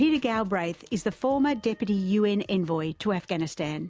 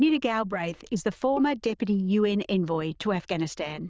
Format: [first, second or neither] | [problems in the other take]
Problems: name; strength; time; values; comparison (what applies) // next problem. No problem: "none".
first | noise reduction (neural diffusion model UNIVERSE++)